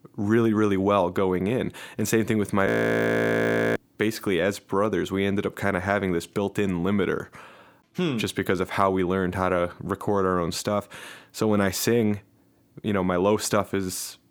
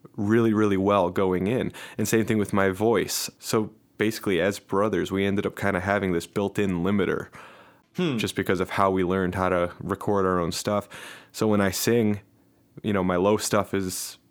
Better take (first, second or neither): second